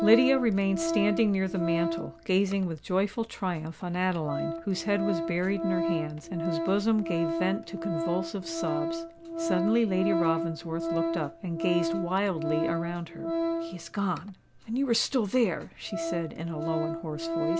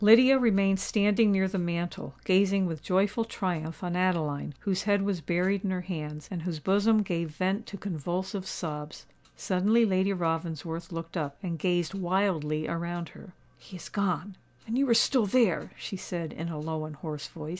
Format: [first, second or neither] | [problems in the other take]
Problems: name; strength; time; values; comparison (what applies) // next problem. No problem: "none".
second | background sound (Organ); 3 dB below the speech